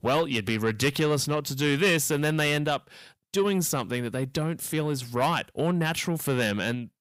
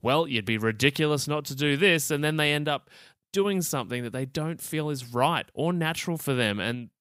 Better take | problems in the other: second | distortion; slight; 10 dB below the speech

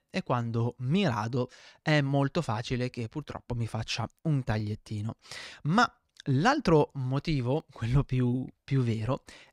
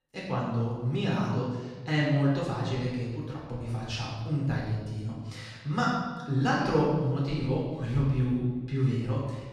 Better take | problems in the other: first | off-mic speech; far // room echo; noticeable; dies away in 1.1 s

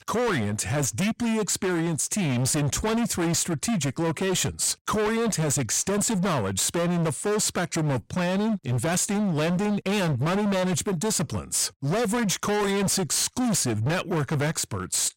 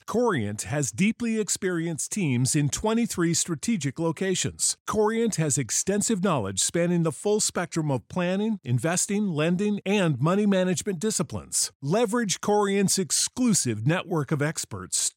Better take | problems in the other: second | distortion; heavy; 38% of the sound clipped

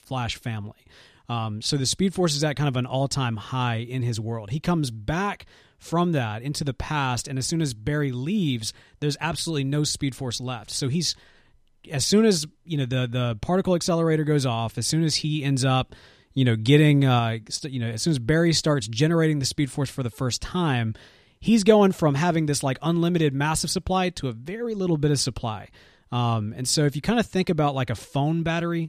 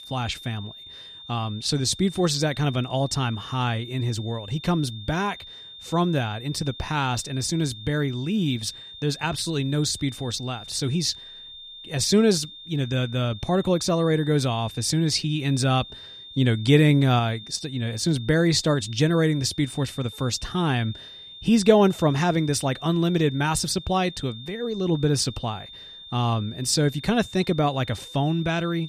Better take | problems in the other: first | high-pitched whine; noticeable; throughout; 3.5 kHz, 15 dB below the speech

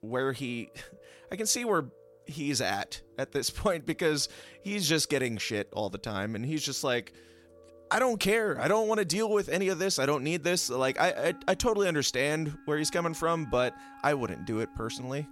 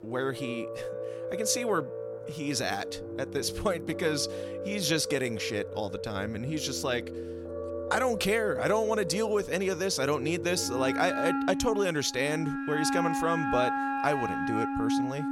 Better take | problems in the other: first | background music; loud; throughout; 4 dB below the speech; faint in the first

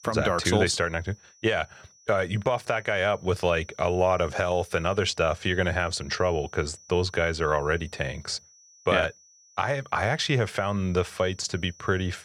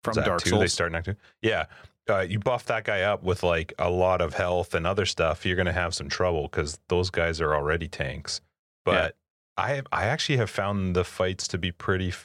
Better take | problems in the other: second | high-pitched whine; faint; throughout; 6 kHz, 25 dB below the speech

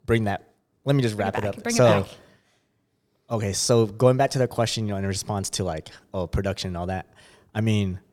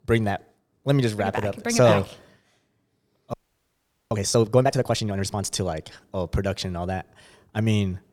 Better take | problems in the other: first | audio freezing; at 3.5 s for 1 s

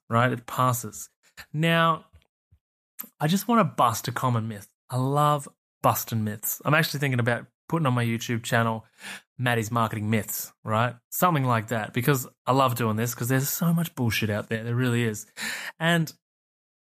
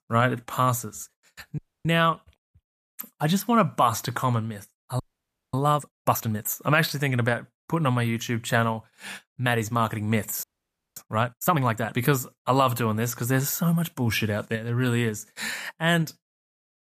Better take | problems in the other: first | audio freezing; at 1.5 s, at 5 s for 0.5 s and at 10 s for 0.5 s

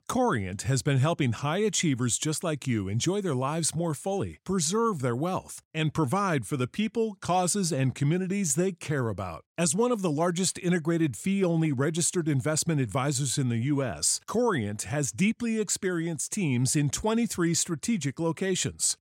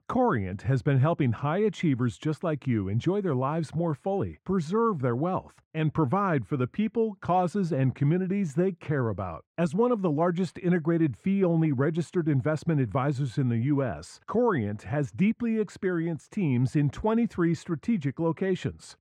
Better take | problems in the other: first | muffled; very; fading above 4 kHz

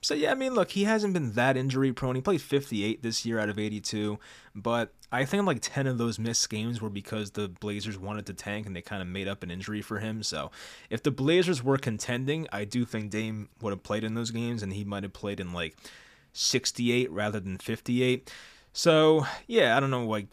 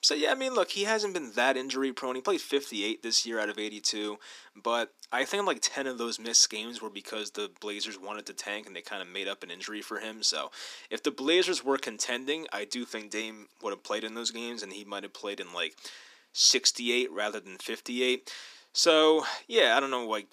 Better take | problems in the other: first | thin; somewhat; fading below 300 Hz

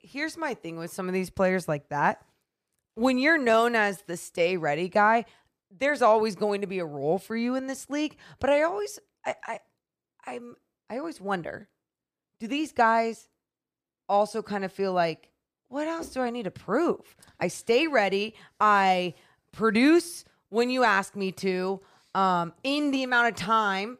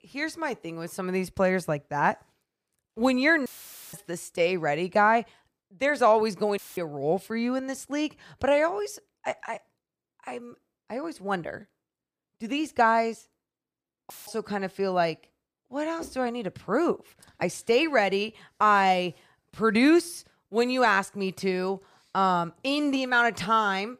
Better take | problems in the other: first | audio cutting out; filled with static; at 3.5 s, at 6.5 s and at 14 s

